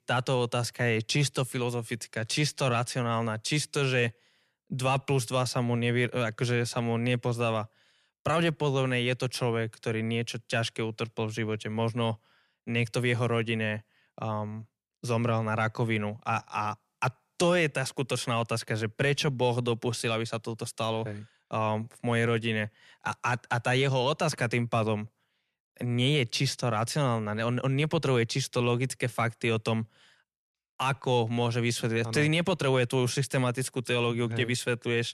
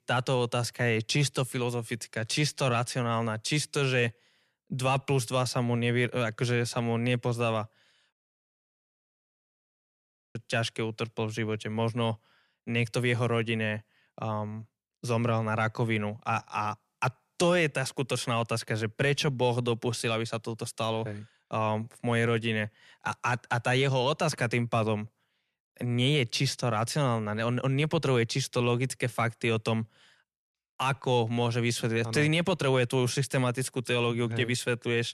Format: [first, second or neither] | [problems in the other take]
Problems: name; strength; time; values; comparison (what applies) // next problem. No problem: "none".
first | audio cutting out; at 8 s for 2 s